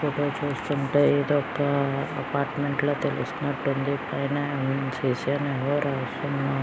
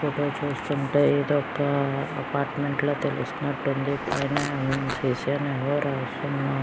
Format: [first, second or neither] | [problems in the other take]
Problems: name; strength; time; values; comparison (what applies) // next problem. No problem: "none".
first | background sound (Fart); 8 dB below the speech